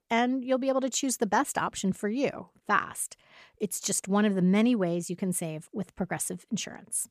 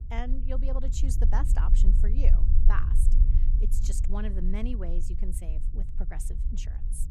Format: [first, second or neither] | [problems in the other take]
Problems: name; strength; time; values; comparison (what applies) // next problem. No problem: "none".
first | low rumble; loud; throughout; 8 dB below the speech